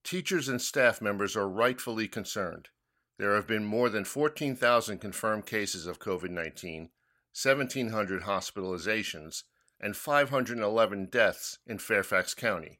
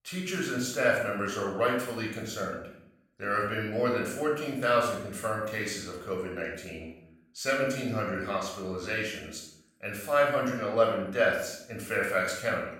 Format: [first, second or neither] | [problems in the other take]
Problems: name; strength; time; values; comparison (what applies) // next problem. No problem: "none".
first | off-mic speech; far // room echo; noticeable; dies away in 0.6 s